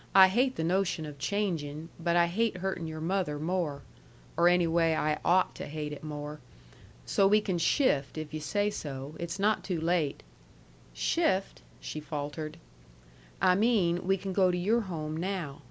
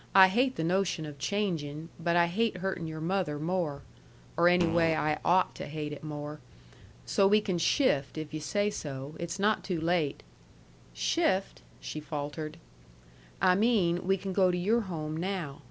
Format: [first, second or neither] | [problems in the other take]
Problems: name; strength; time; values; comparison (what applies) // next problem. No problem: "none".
first | background sound (Fart); 10 dB below the speech